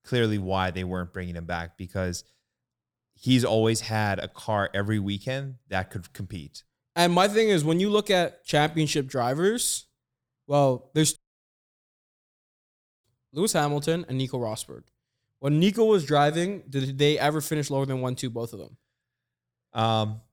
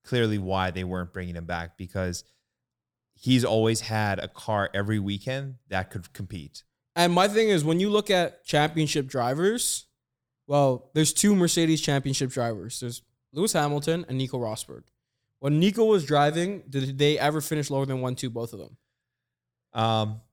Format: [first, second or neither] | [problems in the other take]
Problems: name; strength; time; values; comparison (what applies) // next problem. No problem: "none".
second | audio cutting out; at 11 s for 2 s